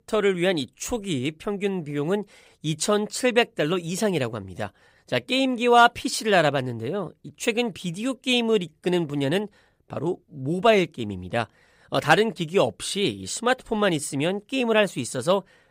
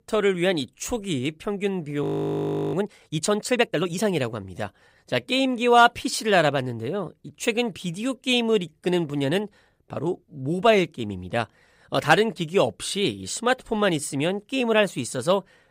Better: first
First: none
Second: audio freezing; at 2 s for 0.5 s

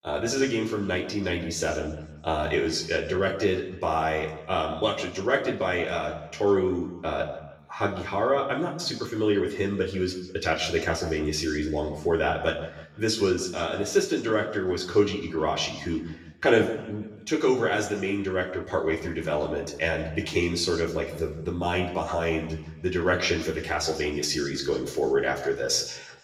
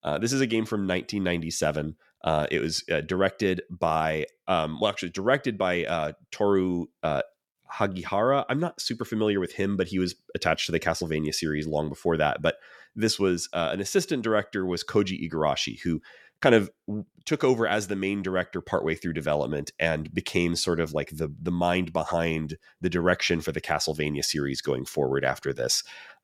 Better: second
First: room echo; slight; dies away in 0.9 s // off-mic speech; far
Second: none

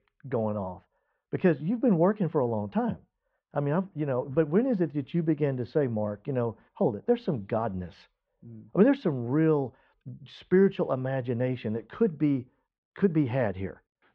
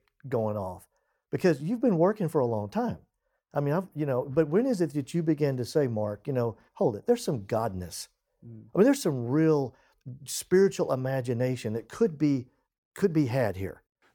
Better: second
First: muffled; very; fading above 3.5 kHz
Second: none

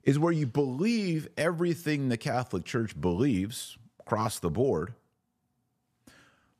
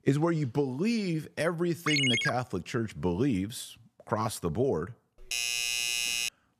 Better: first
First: none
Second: phone ringing; loud; at 2 s; peak 5 dB above the speech // doorbell; loud; from 5 s on; peak 3 dB above the speech

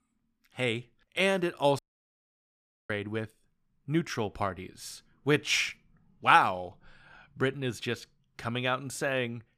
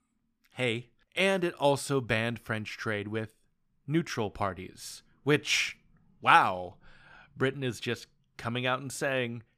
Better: second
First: audio cutting out; at 2 s for 1 s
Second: none

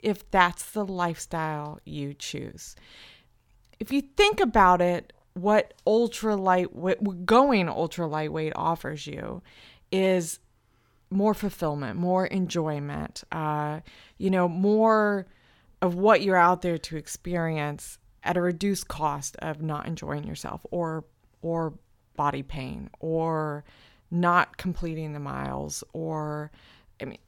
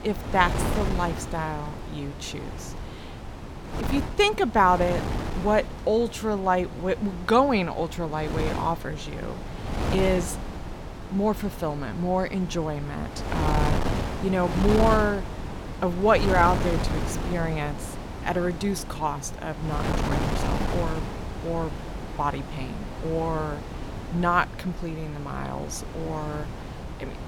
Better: first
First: none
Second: wind noise on the microphone; heavy; 9 dB below the speech

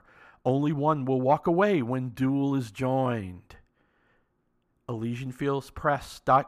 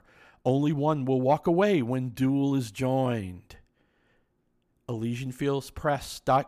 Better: second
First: muffled; very slightly; fading above 3 kHz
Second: none

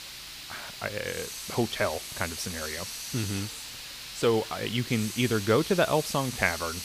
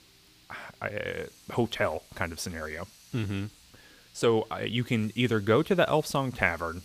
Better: second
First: hiss; loud; throughout; 7 dB below the speech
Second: hiss; faint; throughout; 25 dB below the speech

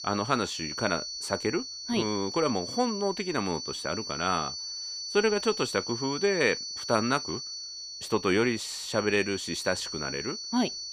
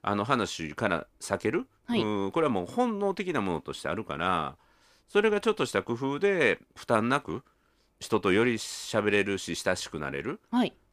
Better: second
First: high-pitched whine; loud; throughout; 4.5 kHz, 6 dB below the speech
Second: none

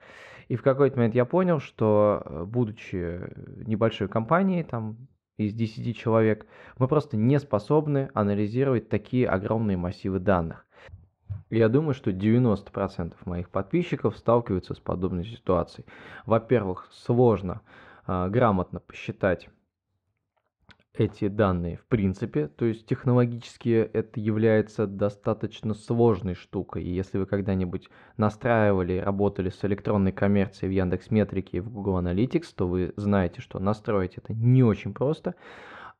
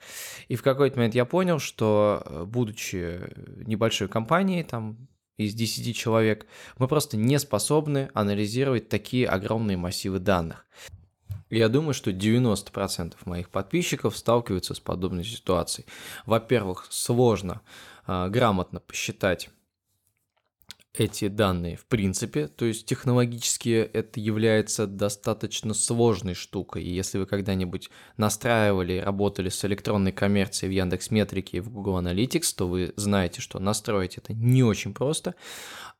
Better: second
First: muffled; very; fading above 1.5 kHz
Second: none

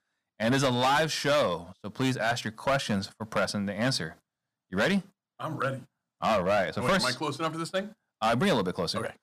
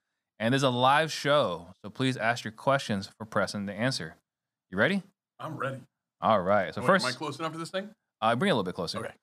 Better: second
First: distortion; heavy; 7% of the sound clipped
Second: none

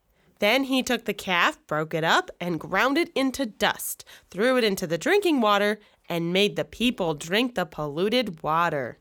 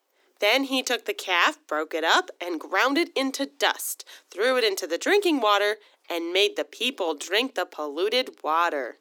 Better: first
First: none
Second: thin; very slightly; fading below 250 Hz

